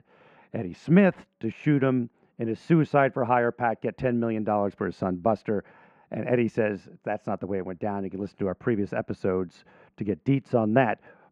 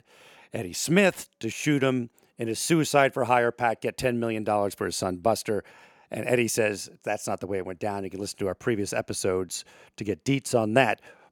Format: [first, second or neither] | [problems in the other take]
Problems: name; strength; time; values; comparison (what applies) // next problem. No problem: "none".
second | muffled; very; fading above 1.5 kHz